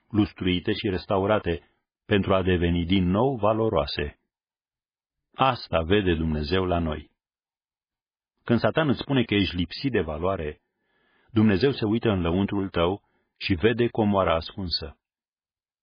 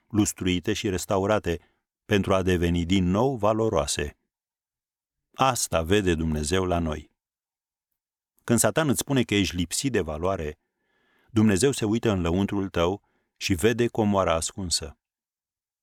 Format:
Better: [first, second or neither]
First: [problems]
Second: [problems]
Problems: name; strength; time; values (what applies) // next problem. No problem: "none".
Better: second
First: garbled, watery; badly; nothing above 4.5 kHz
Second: none